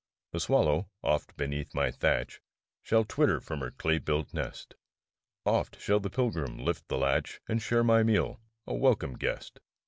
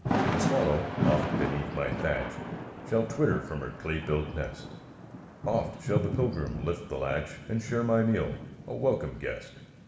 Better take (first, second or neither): first